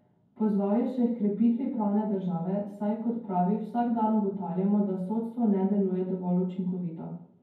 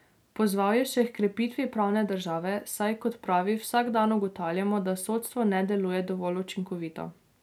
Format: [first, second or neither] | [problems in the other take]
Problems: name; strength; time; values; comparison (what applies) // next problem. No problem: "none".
second | room echo; dies away in 0.9 s